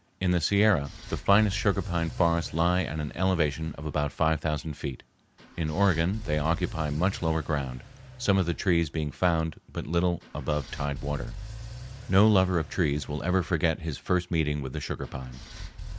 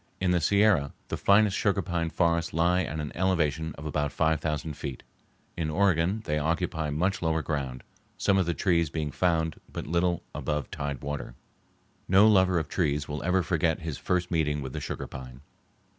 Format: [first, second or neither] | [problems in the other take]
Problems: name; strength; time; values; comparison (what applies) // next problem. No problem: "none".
second | background sound (Engine / Car); 15 dB below the speech